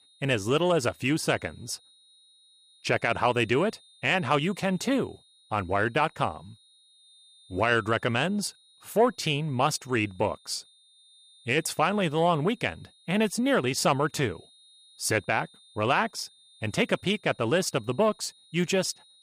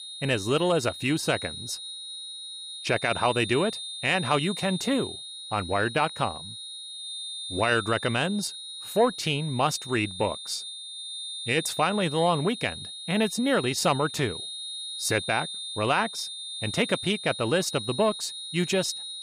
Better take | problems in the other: first | high-pitched whine; loud; throughout; 3.5 kHz, 8 dB below the speech; faint in the first

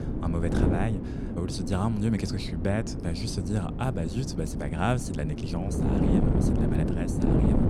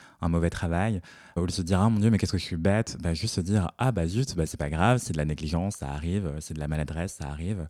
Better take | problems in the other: second | wind noise on the microphone; heavy; as loud as the speech

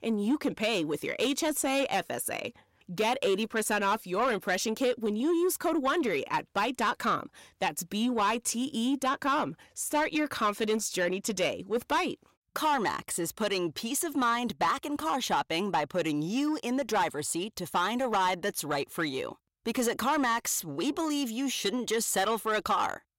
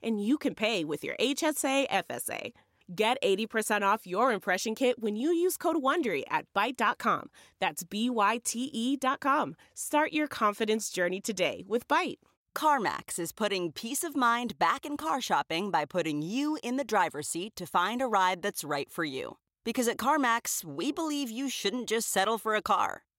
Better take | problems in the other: second | distortion; slight; 10 dB below the speech

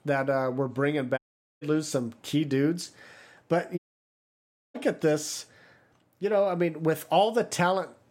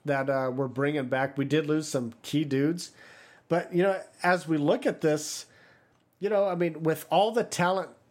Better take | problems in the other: second | audio cutting out; at 1 s and at 4 s for 1 s

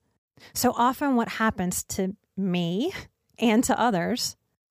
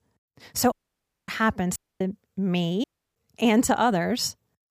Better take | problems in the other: first | audio cutting out; at 0.5 s for 0.5 s, at 2 s and at 3 s

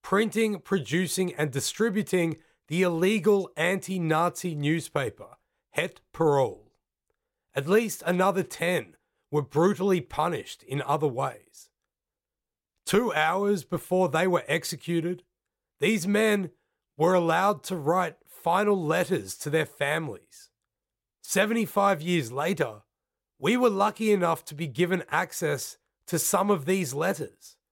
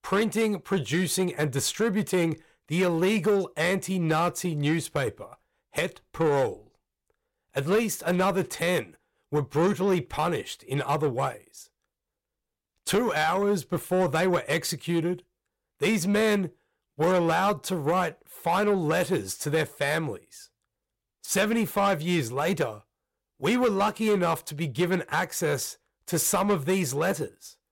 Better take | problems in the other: first | distortion; slight; 10 dB below the speech

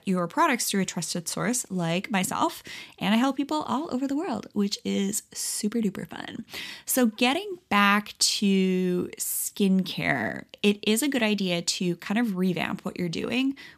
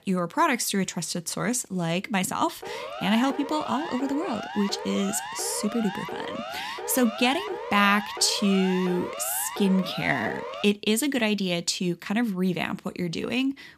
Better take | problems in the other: first | siren; noticeable; from 2.5 to 11 s; peak 9 dB below the speech

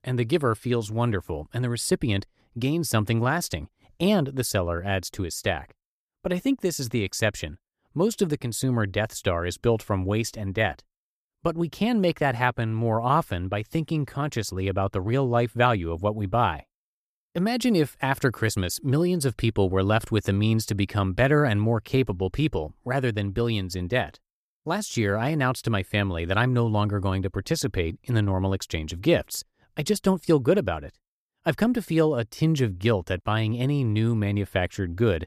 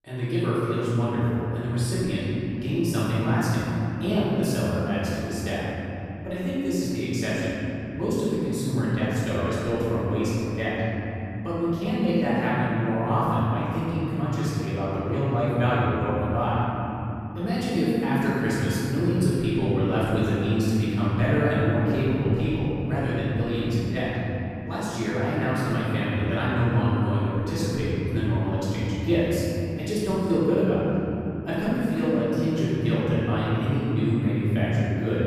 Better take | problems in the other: first | room echo; strong; dies away in 3 s // off-mic speech; far

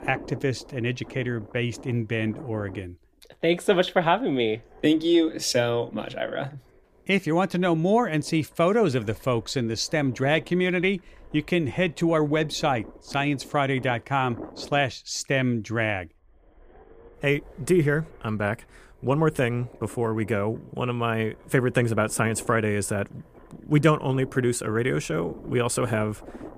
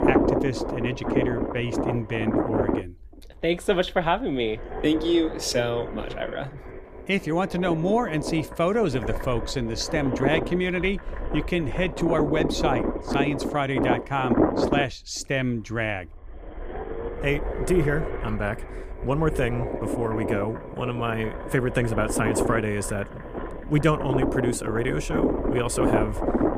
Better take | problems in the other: first | low rumble; loud; throughout; 3 dB below the speech; faint in the first

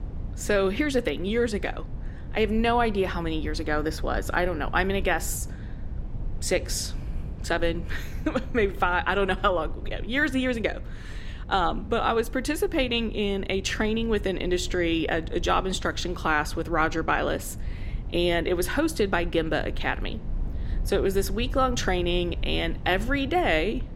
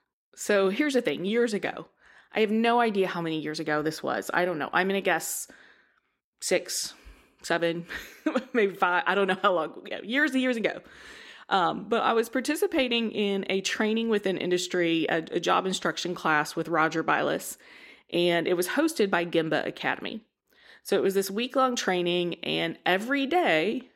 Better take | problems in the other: second | low rumble; faint; throughout; 25 dB below the speech

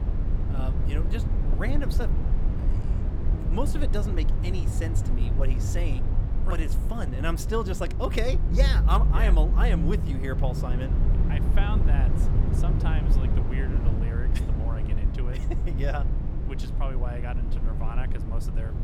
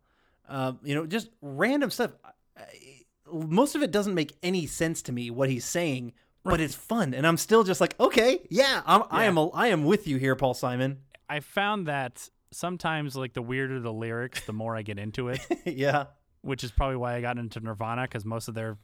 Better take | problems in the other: second | low rumble; loud; throughout; 5 dB below the speech

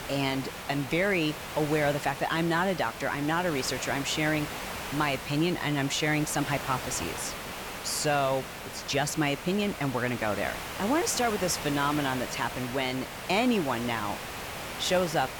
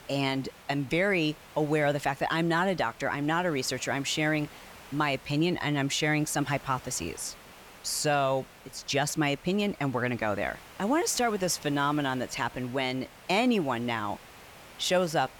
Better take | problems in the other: second | hiss; loud; throughout; 8 dB below the speech; faint in the second

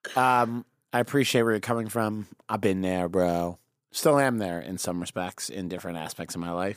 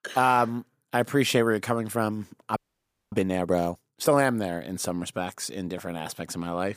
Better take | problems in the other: first | audio freezing; at 2.5 s for 0.5 s

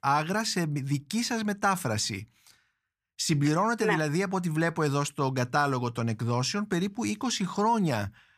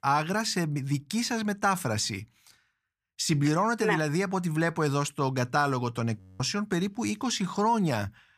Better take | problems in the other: first | audio freezing; at 6 s

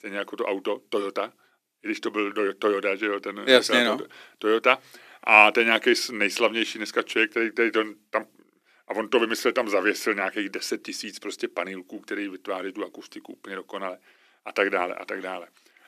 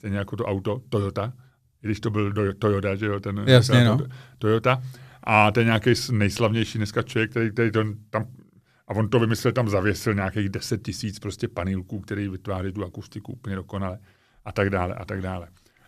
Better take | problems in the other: second | thin; somewhat; fading below 300 Hz

